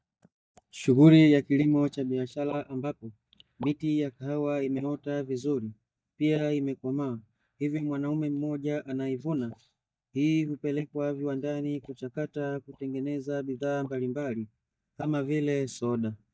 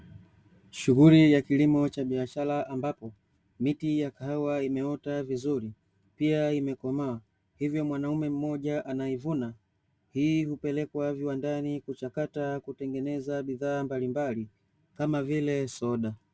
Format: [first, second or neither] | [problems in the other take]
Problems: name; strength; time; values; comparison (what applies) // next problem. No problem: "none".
second | noise reduction (neural mask model DeepFilterNet 3)